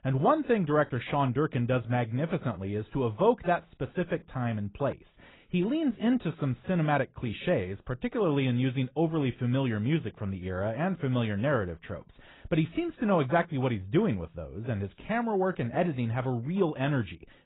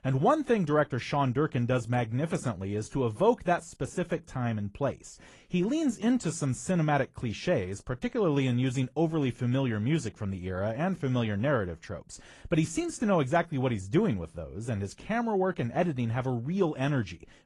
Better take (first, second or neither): second